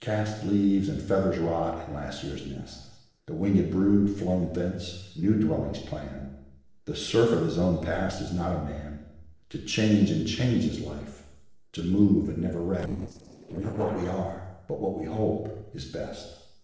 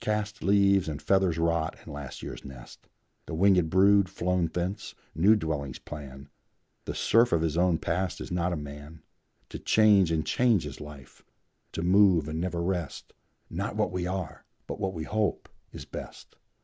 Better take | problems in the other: second | noise reduction (neural separator model SepFormer DNS4)

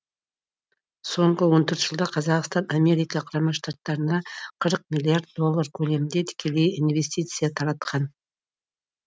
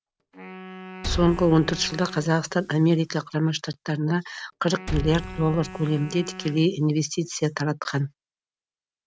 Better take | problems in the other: first | background sound (Liquid + Wind instrument, woodwind instrument); 12 dB below the speech

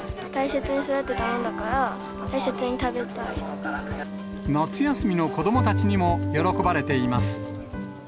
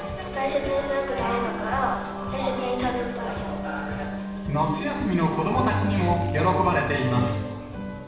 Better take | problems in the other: first | background sound (Zipper (clothing)); 16 dB below the speech // room echo; dies away in 0.9 s

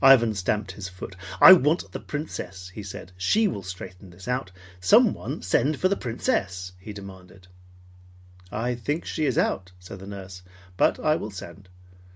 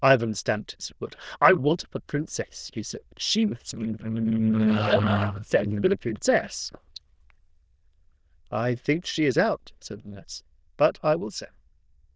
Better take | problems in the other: first | noise reduction (neural diffusion model UNIVERSE++)

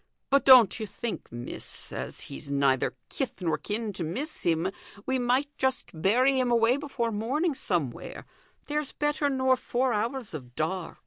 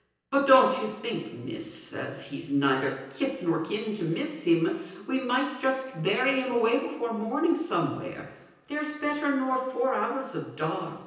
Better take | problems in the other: first | room echo; dies away in 0.9 s

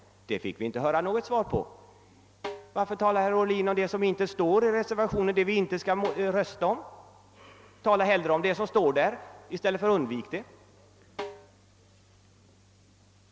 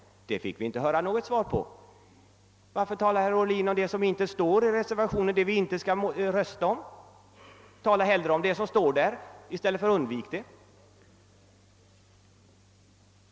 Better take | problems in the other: second | background sound (Snare drum); 16 dB below the speech

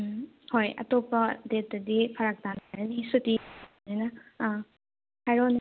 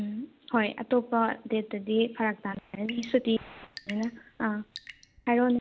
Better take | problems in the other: first | background sound (Drip / Sink (filling or washing) / Water tap, faucet / Water); 19 dB below the speech

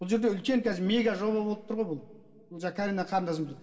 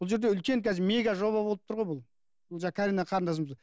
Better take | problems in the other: second | room echo; dies away in 1.4 s

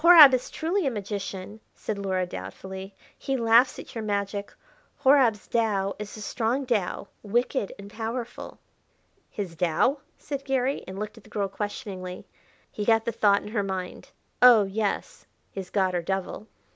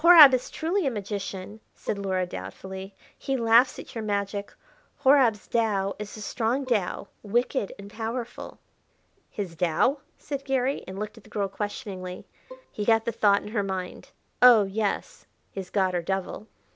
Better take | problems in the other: first | background sound (Bowed string instrument); 20 dB below the speech

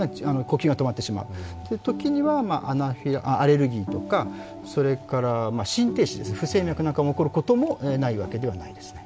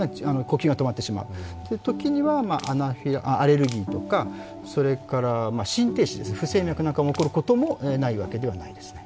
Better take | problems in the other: first | background sound (Crushing); 19 dB below the speech

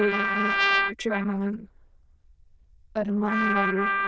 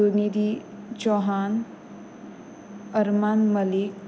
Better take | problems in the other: second | noise reduction (neural diffusion model UNIVERSE++)

